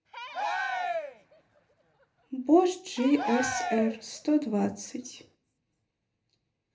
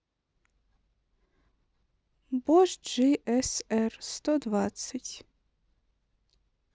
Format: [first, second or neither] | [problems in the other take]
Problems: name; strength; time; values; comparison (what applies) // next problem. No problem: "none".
second | background sound (Cheering); 5 dB below the speech // room echo; dies away in 0.3 s